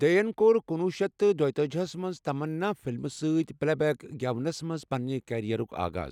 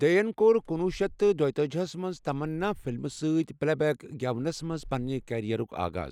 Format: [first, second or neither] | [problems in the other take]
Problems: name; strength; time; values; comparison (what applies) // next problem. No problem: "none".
first | noise reduction (neural mask model Resemble Enhance denoiser)